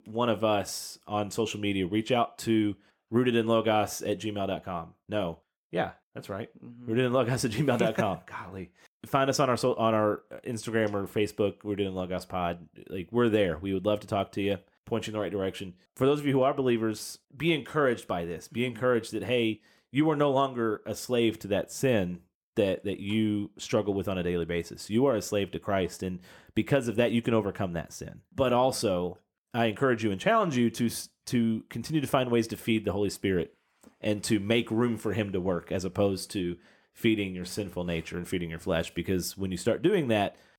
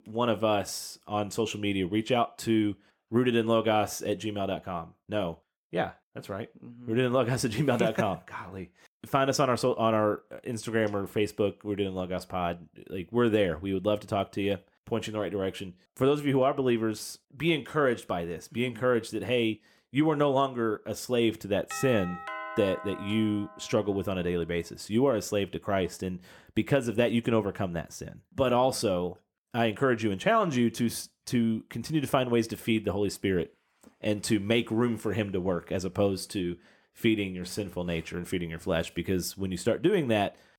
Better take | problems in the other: first | doorbell; noticeable; from 22 to 24 s; peak 8 dB below the speech

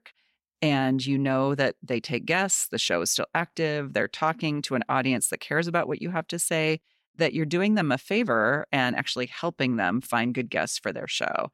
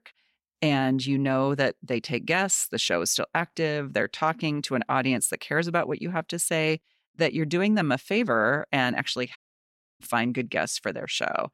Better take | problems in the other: first | audio cutting out; at 9.5 s for 0.5 s

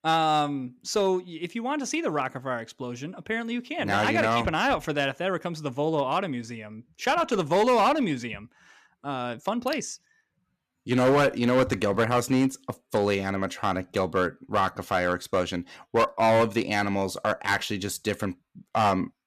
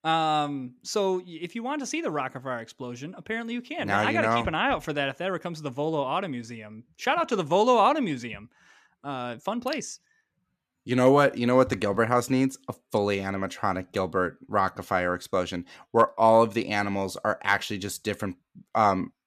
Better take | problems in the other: second | distortion; slight; 4% of the sound clipped

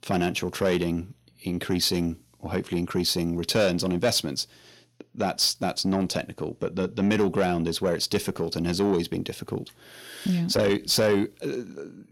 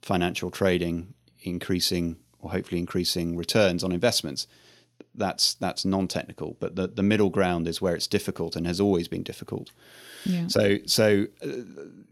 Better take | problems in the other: second | distortion; slight; 10 dB below the speech

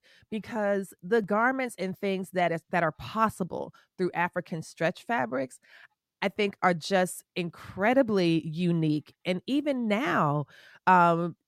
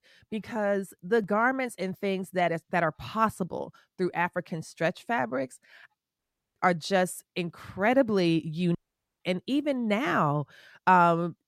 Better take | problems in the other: first | audio cutting out; at 6 s and at 9 s

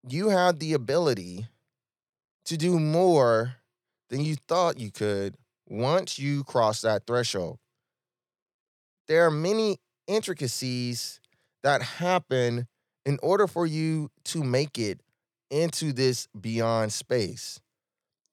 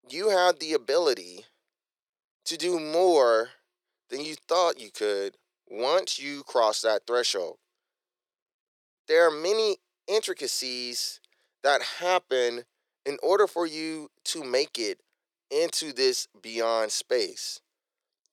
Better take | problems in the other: first | thin; very; fading below 350 Hz

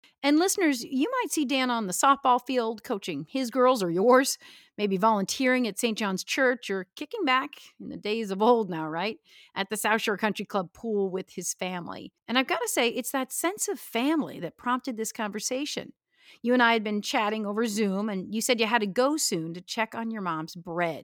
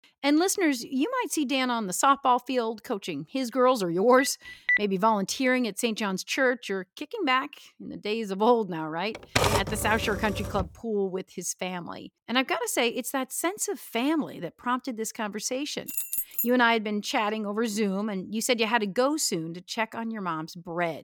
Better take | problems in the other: first | phone ringing; loud; at 4 s; peak 2 dB above the speech // keyboard typing; loud; from 9 to 11 s; peak 3 dB above the speech // jangling keys; noticeable; at 16 s; peak level with the speech

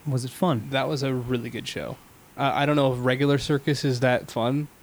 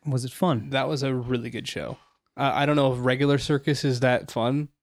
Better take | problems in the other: second | hiss; faint; throughout; 25 dB below the speech

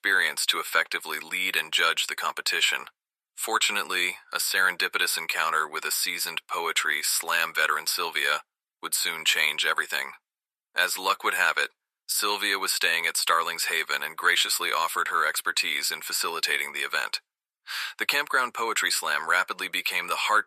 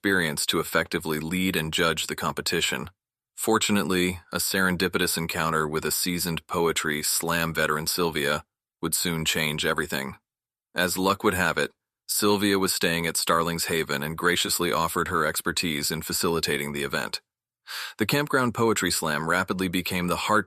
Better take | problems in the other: second | thin; very; fading below 700 Hz

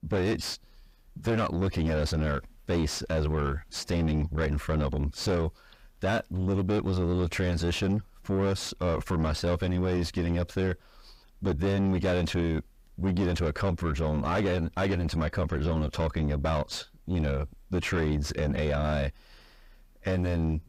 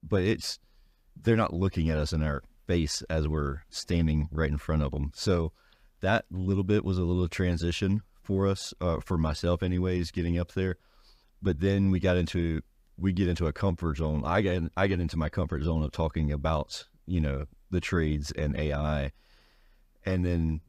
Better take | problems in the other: second | distortion; heavy; 5 dB below the speech

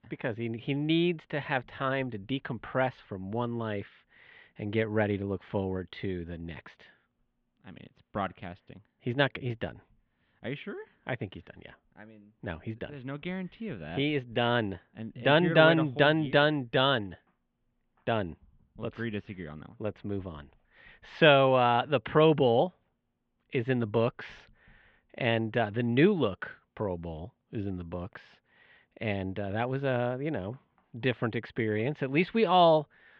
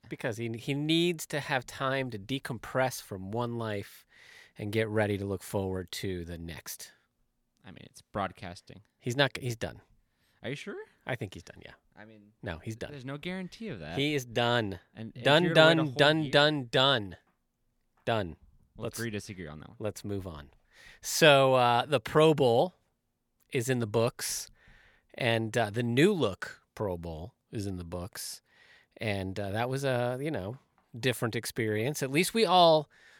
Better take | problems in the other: second | muffled; very; fading above 3 kHz

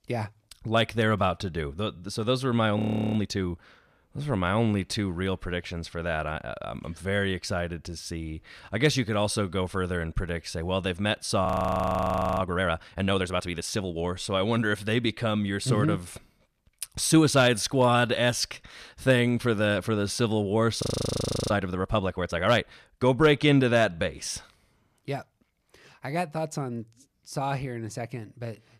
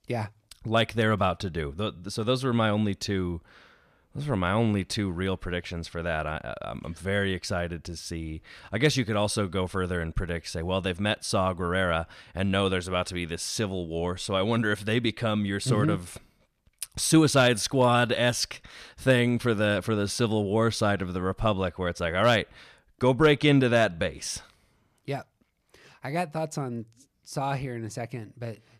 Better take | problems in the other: second | audio freezing; at 3 s, at 11 s for 1 s and at 21 s for 0.5 s

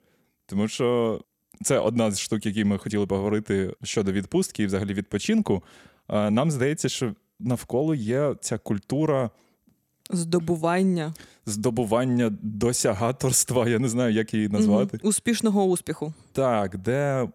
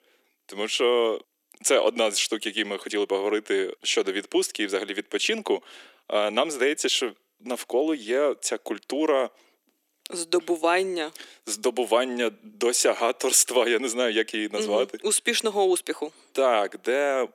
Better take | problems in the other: first | thin; very; fading below 300 Hz

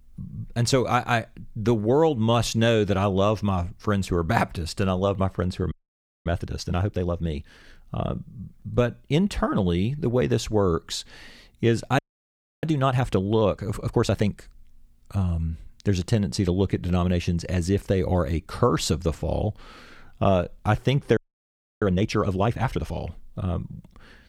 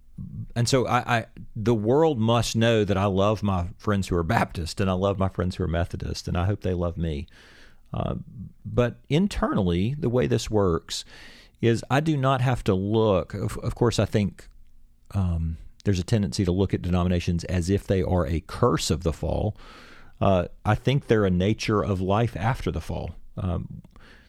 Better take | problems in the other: second | audio freezing; at 5.5 s for 0.5 s, at 12 s for 0.5 s and at 21 s for 0.5 s

